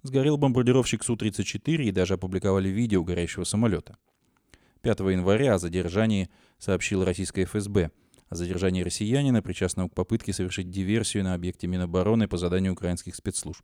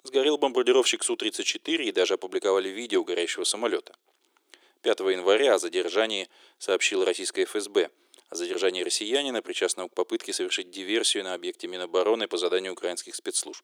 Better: first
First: none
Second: thin; very; fading below 350 Hz

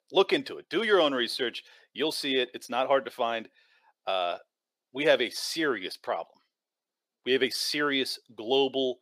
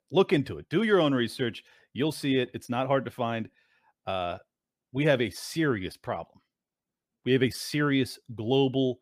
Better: second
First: thin; somewhat; fading below 450 Hz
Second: none

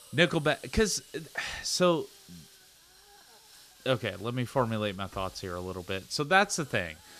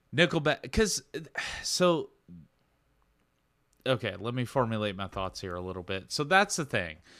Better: second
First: hiss; faint; throughout; 25 dB below the speech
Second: none

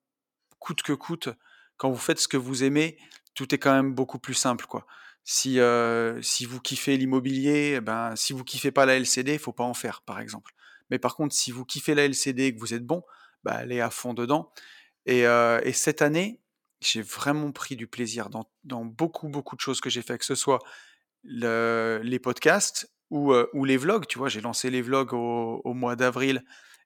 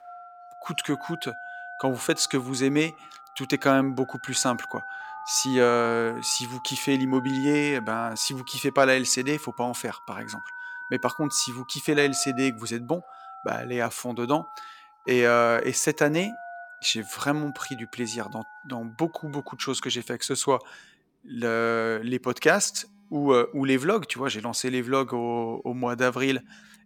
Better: first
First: none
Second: alarms or sirens; noticeable; throughout; 15 dB below the speech

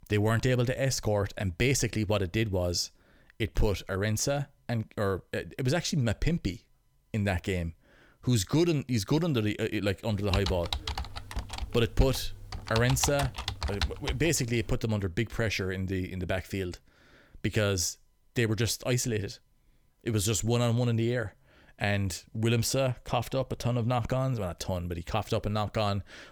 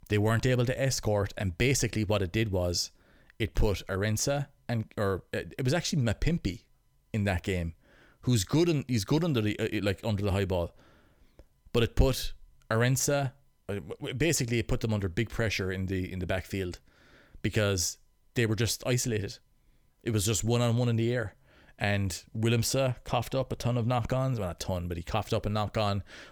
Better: second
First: keyboard typing; noticeable; from 10 to 15 s; peak 3 dB below the speech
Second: none

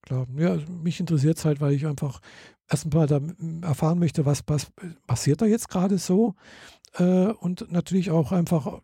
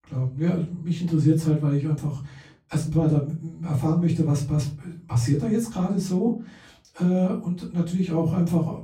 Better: first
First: none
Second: room echo; slight; dies away in 0.4 s // off-mic speech; far

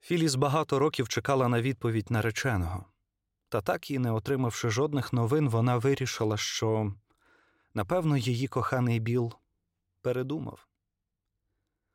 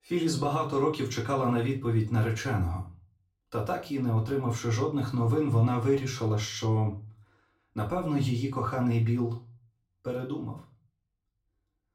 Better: first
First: none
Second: off-mic speech; far // room echo; slight; dies away in 0.3 s

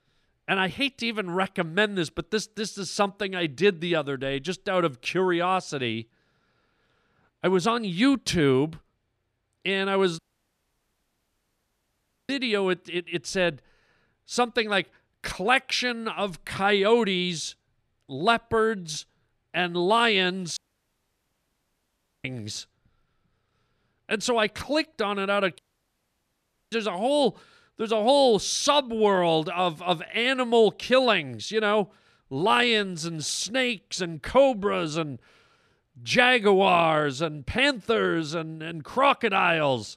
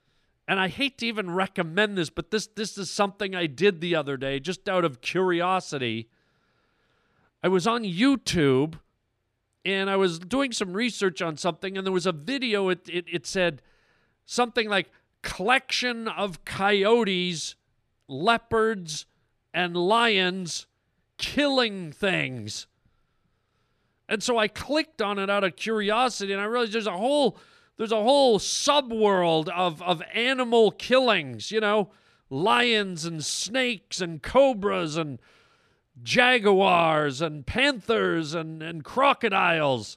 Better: second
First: audio cutting out; at 10 s for 2 s, at 21 s for 1.5 s and at 26 s for 1 s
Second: none

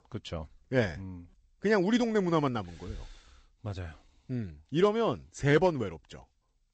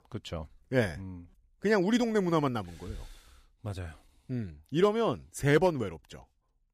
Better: second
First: garbled, watery; slightly; nothing above 8 kHz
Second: none

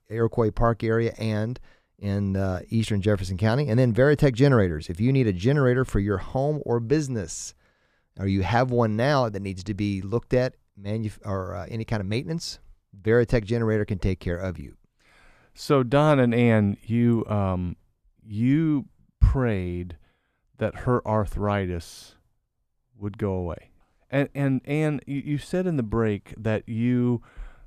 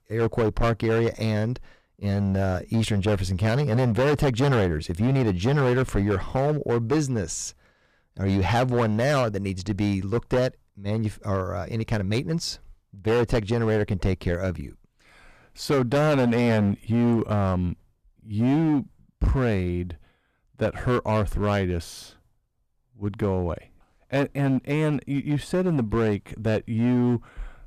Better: first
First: none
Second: distortion; heavy; 11% of the sound clipped

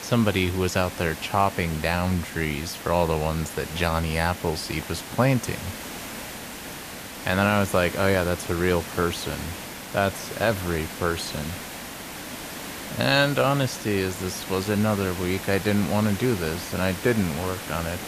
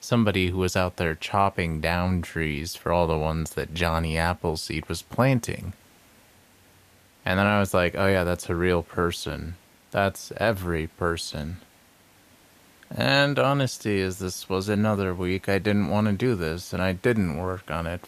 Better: second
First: hiss; loud; throughout; 10 dB below the speech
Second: hiss; faint; throughout; 30 dB below the speech

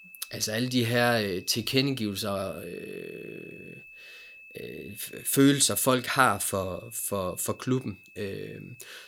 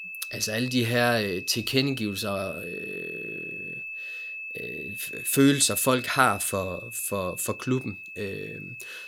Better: first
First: high-pitched whine; faint; throughout; 2.5 kHz, 20 dB below the speech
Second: high-pitched whine; loud; throughout; 2.5 kHz, 10 dB below the speech

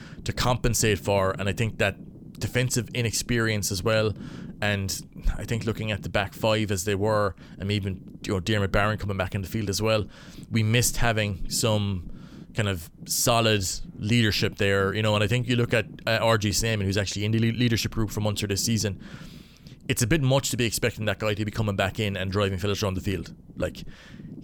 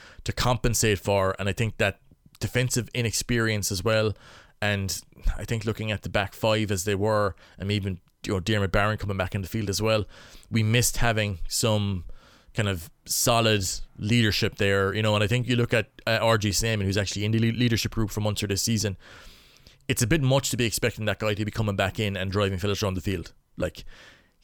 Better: second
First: low rumble; faint; throughout; 25 dB below the speech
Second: none

